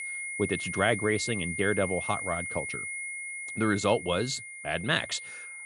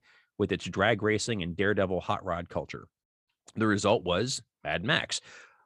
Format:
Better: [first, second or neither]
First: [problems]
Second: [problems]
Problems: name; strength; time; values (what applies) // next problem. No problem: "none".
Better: second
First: high-pitched whine; loud; throughout; 2 kHz, 5 dB below the speech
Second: none